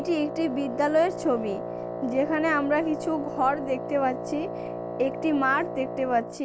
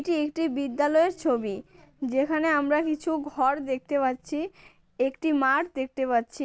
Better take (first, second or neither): second